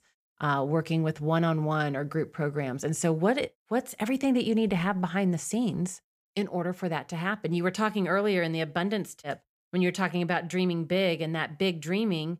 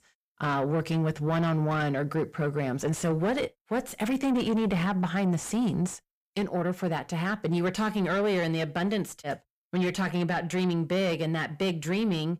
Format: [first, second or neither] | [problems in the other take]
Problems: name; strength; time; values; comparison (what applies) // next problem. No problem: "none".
first | distortion; slight; 10 dB below the speech